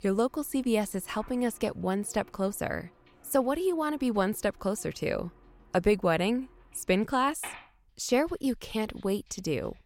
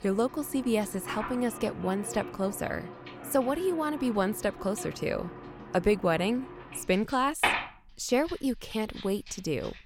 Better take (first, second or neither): first